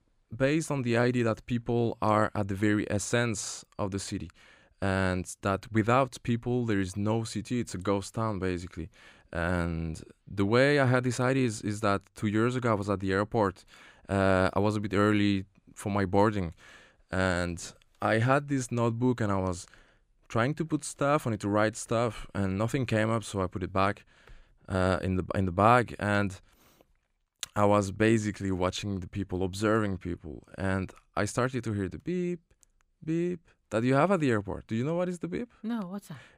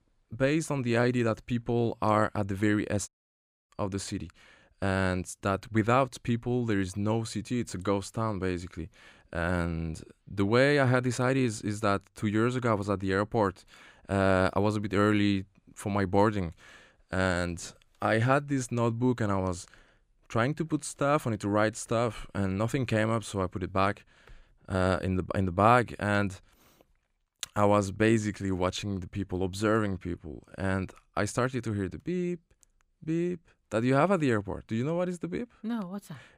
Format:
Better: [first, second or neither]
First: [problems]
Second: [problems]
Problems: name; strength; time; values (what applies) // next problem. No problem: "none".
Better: first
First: none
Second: audio cutting out; at 3 s for 0.5 s